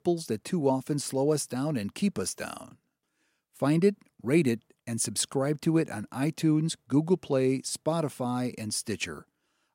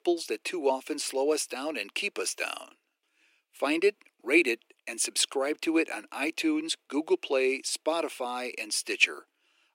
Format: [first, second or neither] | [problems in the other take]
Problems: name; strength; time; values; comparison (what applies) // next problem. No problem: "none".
first | thin; somewhat; fading below 350 Hz